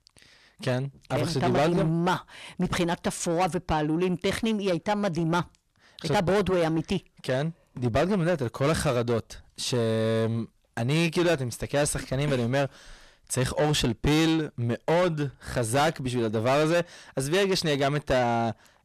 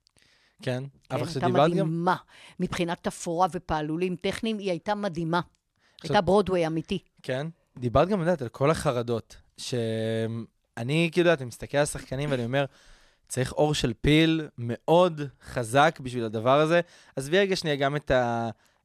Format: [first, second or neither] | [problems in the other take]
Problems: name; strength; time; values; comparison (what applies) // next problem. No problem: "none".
second | distortion; heavy; 7 dB below the speech